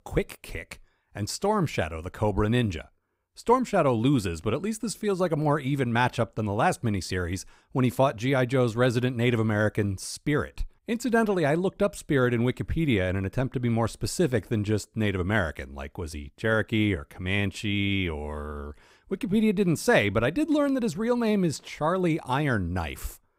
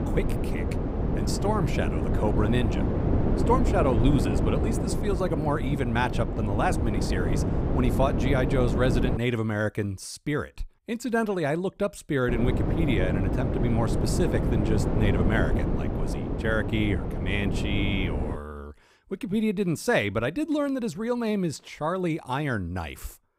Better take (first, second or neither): first